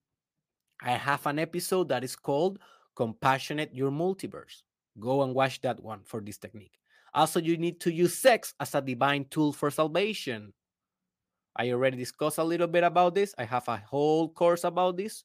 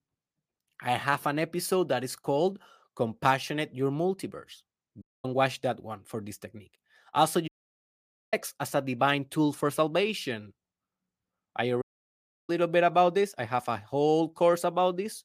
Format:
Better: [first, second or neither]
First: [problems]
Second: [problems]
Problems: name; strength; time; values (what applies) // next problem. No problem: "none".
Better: first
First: none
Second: audio cutting out; at 5 s, at 7.5 s for 1 s and at 12 s for 0.5 s